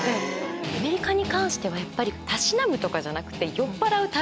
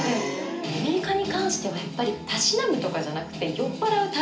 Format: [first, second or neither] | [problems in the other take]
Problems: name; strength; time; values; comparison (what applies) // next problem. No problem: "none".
first | room echo; dies away in 0.4 s